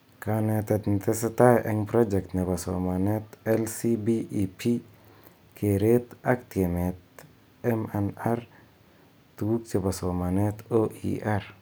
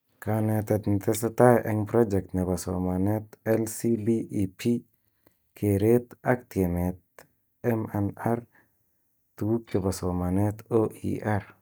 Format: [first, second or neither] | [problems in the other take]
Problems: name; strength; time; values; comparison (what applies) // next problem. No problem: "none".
first | noise reduction (neural mask model DeepFilterNet 3)